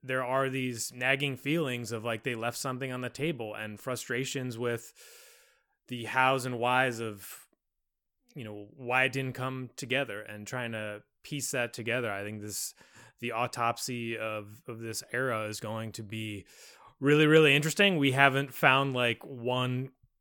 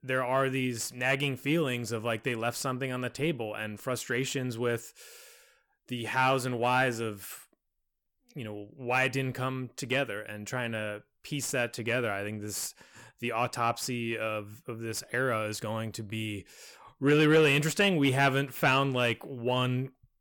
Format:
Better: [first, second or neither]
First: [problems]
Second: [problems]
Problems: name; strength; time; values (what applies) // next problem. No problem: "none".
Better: first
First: none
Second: distortion; slight; 10 dB below the speech